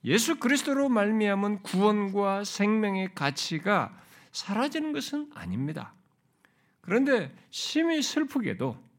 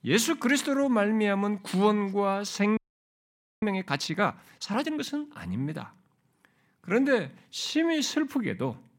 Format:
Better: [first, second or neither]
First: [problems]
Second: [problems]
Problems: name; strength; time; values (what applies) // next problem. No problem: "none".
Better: first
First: none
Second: audio freezing; at 3 s for 1 s